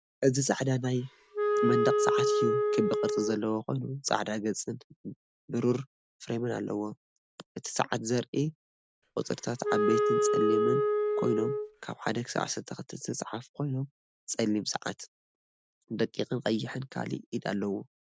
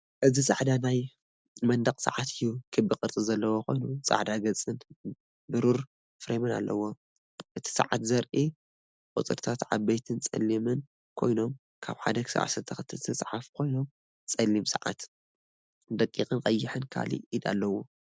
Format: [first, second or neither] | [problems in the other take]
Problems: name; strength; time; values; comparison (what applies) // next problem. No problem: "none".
second | background sound (Wind instrument, woodwind instrument); 4 dB above the speech